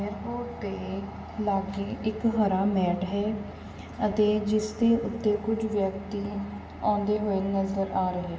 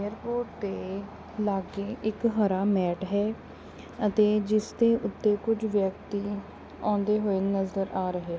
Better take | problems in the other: second | room echo; dies away in 2.4 s

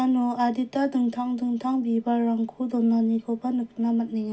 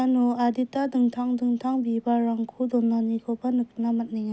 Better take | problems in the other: second | room echo; dies away in 0.2 s

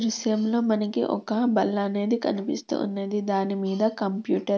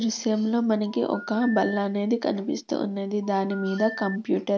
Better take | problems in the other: first | background sound (Telephone); 16 dB below the speech

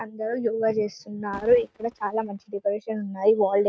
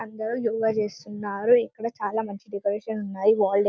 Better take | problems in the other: second | noise reduction (neural mask model RNNoise)

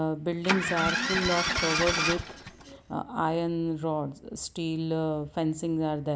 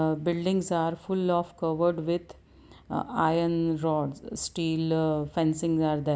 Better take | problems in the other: second | background sound (Engine starting); 1 dB above the speech

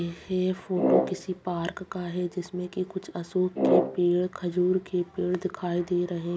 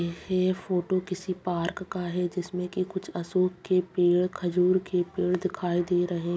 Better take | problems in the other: second | background sound (Brass instrument); as loud as the speech

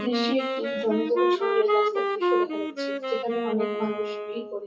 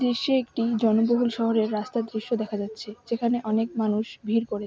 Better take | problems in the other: second | noise reduction (classical method WPE with log-MMSE)

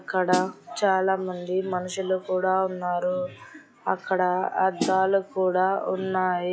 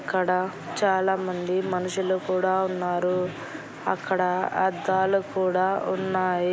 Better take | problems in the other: second | noise reduction (classical method log-MMSE)

